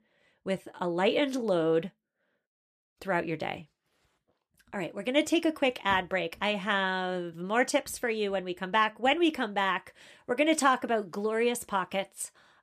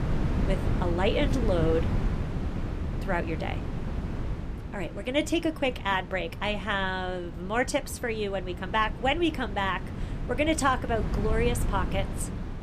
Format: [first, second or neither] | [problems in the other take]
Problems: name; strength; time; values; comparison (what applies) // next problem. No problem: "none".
first | wind noise on the microphone; occasional gusts; 10 dB below the speech